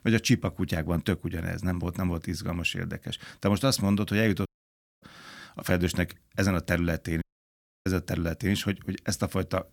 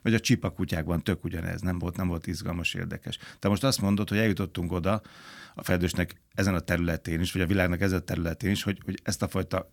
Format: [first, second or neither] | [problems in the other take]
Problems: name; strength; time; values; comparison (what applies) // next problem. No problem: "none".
second | audio cutting out; at 4.5 s for 0.5 s and at 7 s for 0.5 s